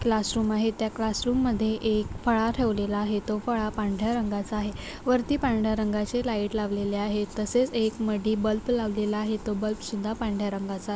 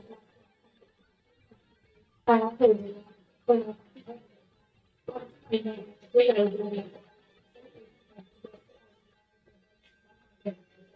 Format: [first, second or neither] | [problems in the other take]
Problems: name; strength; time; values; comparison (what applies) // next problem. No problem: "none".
first | noise reduction (neural mask model DeepFilterNet 3)